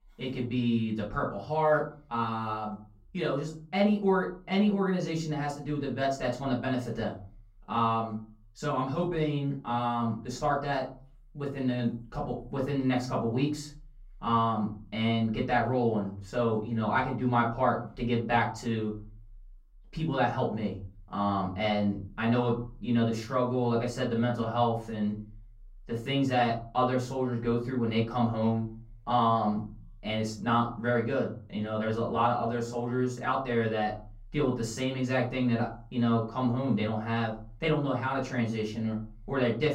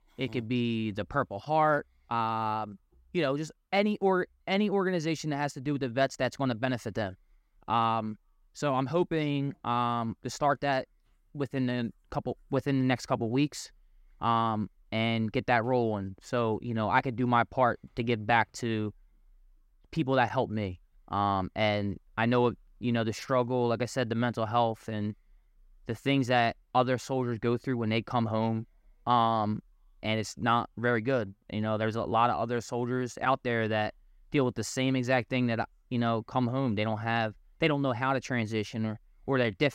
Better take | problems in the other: second | off-mic speech; far // room echo; slight; dies away in 0.4 s

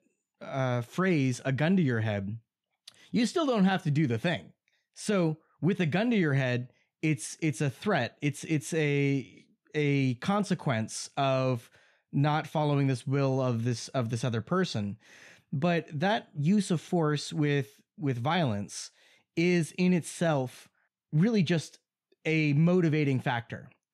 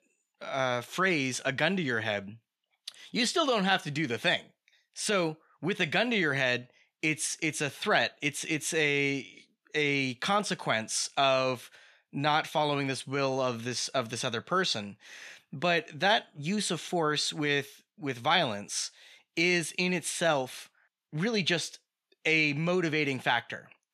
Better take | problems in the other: first | thin; somewhat; fading below 850 Hz

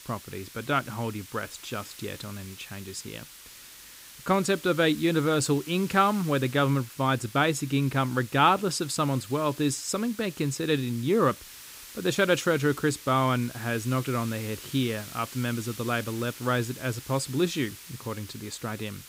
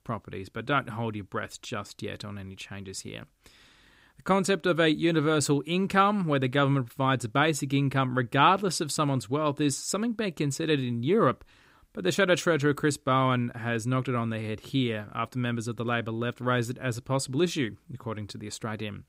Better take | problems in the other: second | hiss; noticeable; throughout; 15 dB below the speech

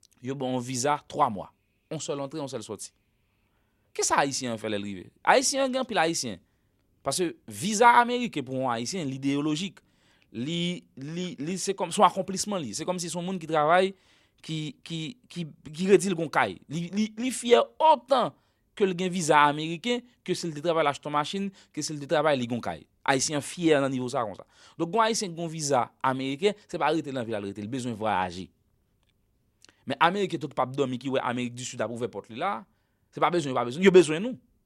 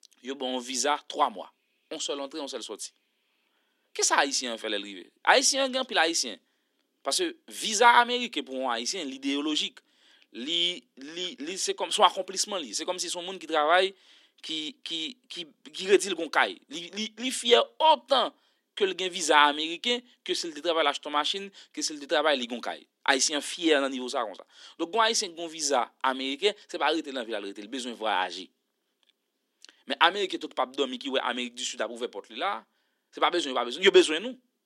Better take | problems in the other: first | thin; very slightly; fading below 250 Hz

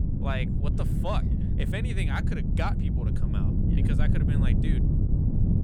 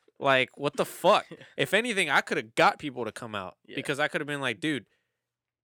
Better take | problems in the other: second | wind noise on the microphone; heavy; 1 dB below the speech

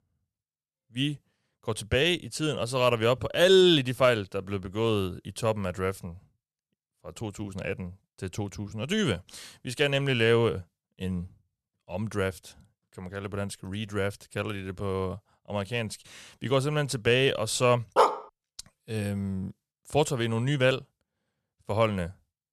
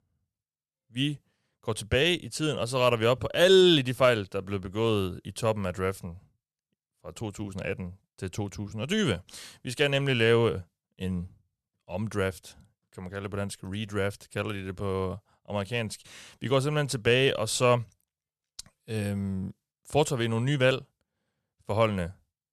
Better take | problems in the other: second | dog barking; loud; at 18 s; peak 4 dB above the speech

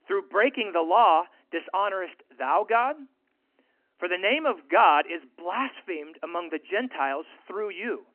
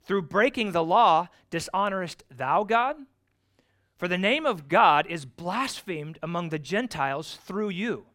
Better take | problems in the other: second | phone-call audio; nothing above 3 kHz

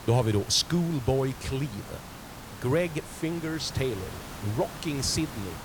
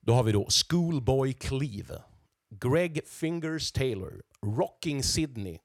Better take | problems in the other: second | hiss; noticeable; throughout; 15 dB below the speech

